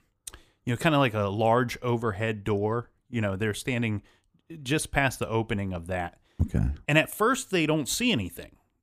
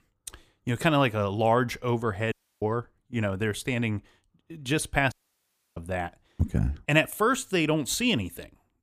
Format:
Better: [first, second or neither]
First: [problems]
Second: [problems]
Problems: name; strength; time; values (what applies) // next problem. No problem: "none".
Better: first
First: none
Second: audio cutting out; at 2.5 s and at 5 s for 0.5 s